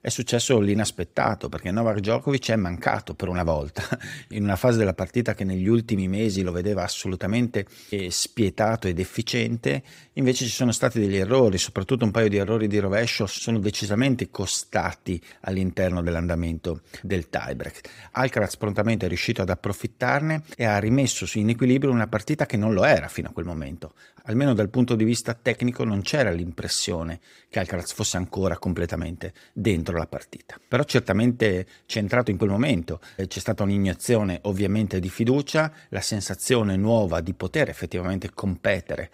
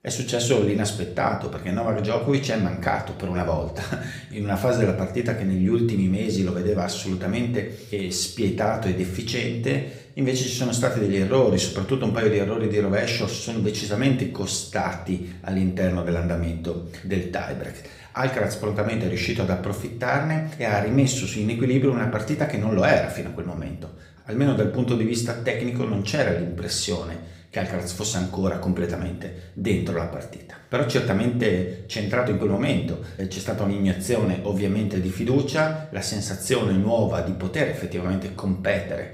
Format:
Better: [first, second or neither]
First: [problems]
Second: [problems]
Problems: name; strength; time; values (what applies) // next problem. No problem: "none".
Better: first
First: none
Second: room echo; slight; dies away in 0.6 s // off-mic speech; somewhat distant